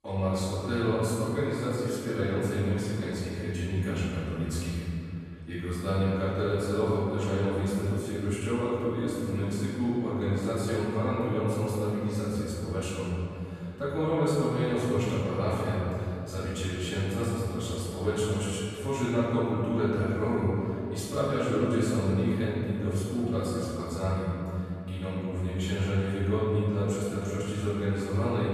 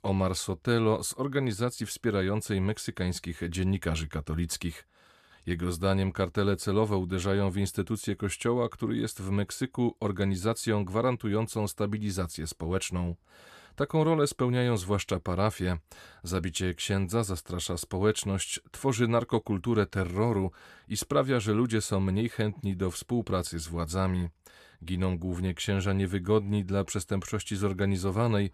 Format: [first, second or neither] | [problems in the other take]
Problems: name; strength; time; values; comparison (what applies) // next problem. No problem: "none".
second | room echo; strong; dies away in 2.7 s // off-mic speech; far